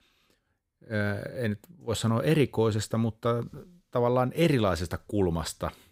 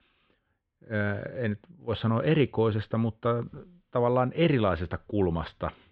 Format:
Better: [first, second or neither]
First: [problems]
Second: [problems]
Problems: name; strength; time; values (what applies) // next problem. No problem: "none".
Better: first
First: none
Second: muffled; very; fading above 3.5 kHz